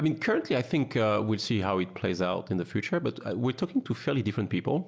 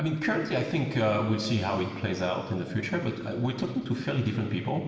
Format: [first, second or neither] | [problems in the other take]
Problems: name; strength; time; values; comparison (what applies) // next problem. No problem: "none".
first | room echo; dies away in 1.7 s